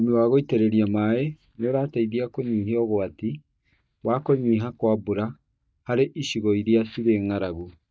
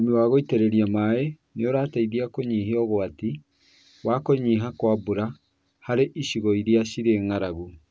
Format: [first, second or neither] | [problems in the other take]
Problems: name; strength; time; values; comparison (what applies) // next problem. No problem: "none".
second | noise reduction (neural mask model DeepFilterNet 3)